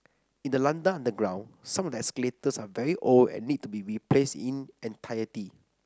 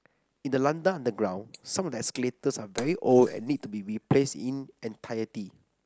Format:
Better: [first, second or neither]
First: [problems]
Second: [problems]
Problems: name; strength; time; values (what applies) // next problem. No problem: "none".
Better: first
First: none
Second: noise reduction (neural mask model Resemble Enhance denoiser)